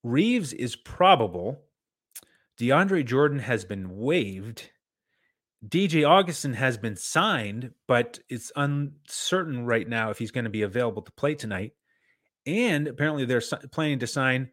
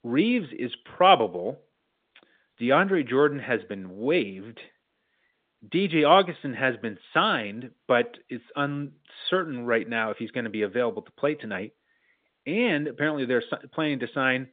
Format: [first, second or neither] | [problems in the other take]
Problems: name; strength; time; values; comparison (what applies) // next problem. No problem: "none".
first | phone-call audio